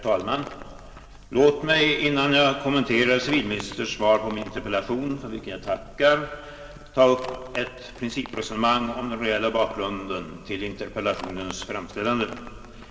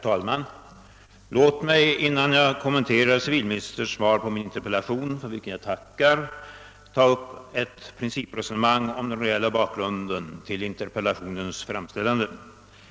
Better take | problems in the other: second | background sound (Livestock, farm animals, working animals); 18 dB below the speech // room echo; dies away in 2 s

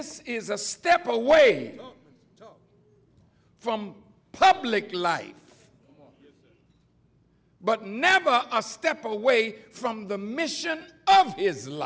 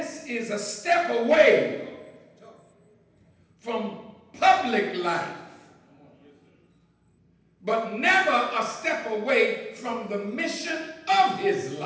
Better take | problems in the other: first | room echo; dies away in 0.9 s

